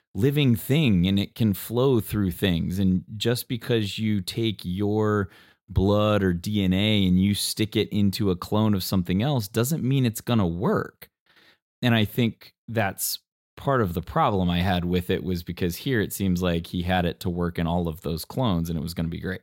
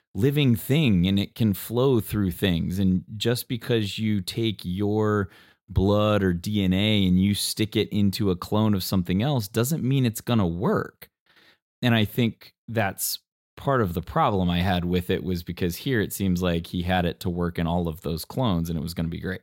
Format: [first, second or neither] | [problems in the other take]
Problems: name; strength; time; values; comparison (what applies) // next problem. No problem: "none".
neither | none